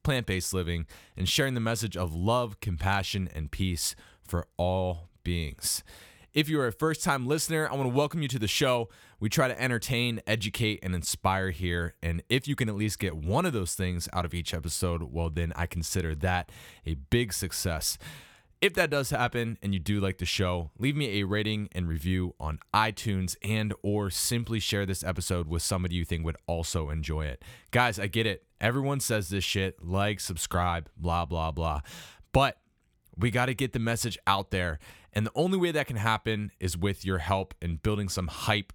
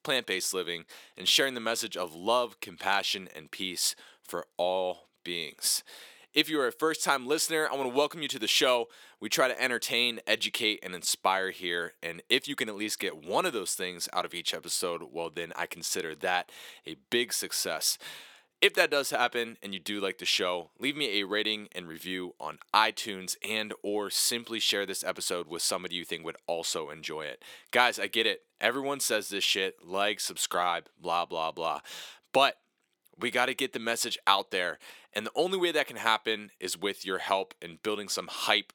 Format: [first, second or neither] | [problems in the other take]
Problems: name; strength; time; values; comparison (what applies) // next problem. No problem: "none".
first | thin; somewhat; fading below 300 Hz